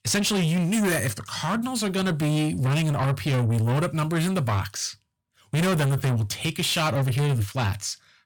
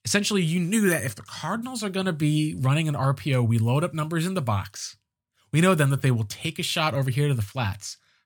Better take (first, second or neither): second